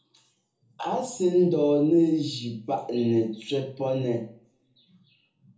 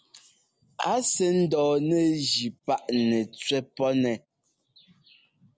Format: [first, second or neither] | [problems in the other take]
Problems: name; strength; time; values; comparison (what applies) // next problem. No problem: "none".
second | room echo; dies away in 1 s